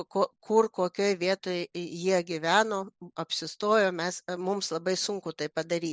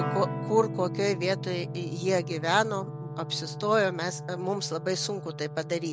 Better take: first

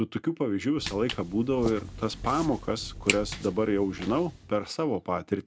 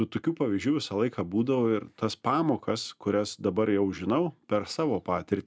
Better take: second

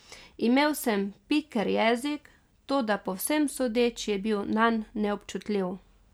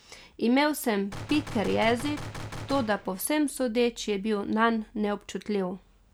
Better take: first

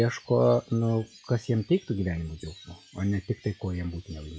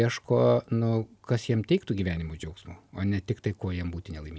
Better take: second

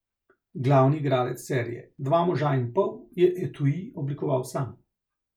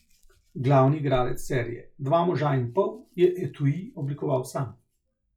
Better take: first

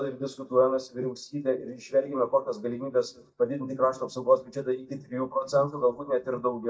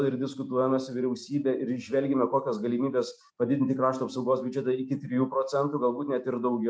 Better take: second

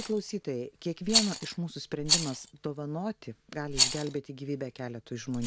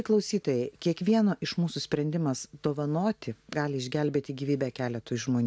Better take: second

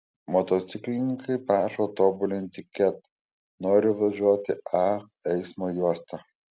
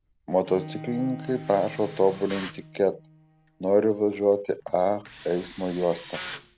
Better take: first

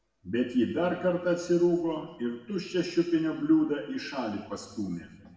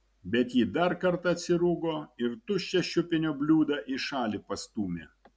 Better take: second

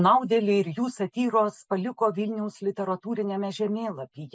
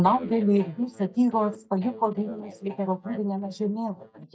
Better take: first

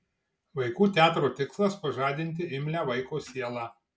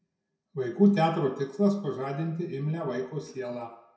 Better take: first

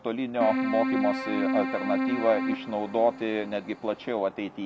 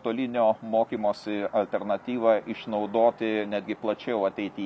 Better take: second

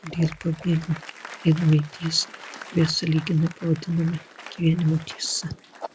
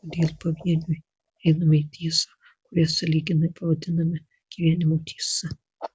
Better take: second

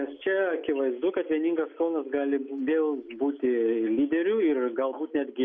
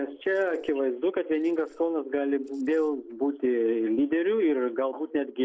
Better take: first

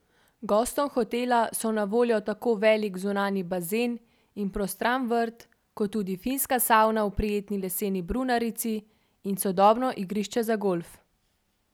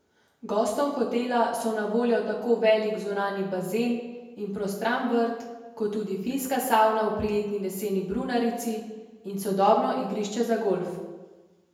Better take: first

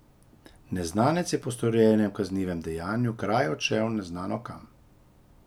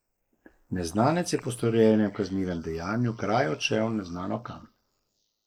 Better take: first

